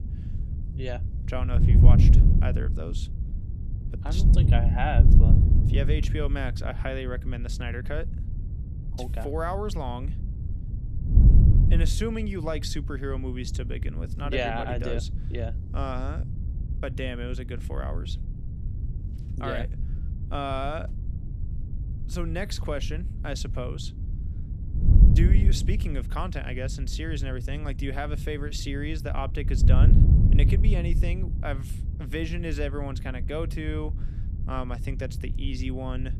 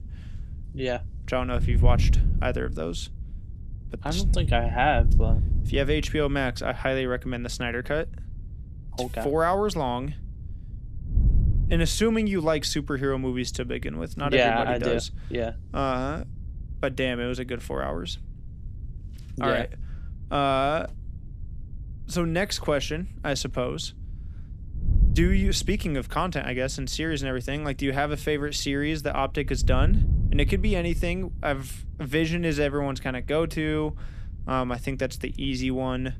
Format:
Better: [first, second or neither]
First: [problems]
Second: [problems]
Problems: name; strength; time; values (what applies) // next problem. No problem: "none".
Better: second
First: wind noise on the microphone; heavy; 7 dB below the speech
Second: wind noise on the microphone; occasional gusts; 20 dB below the speech